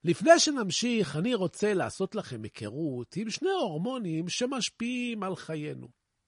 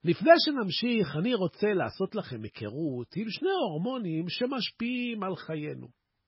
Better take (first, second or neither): first